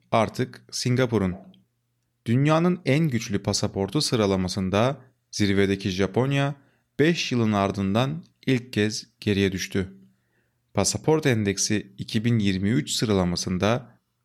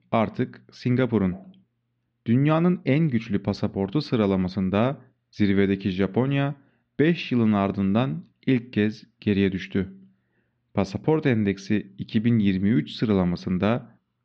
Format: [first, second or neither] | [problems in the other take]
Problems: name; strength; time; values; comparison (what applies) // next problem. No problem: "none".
first | muffled; slightly; fading above 3.5 kHz